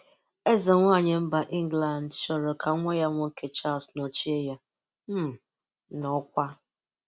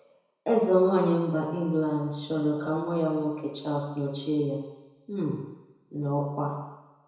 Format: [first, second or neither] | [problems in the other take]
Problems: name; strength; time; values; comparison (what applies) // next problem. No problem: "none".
first | room echo; dies away in 1 s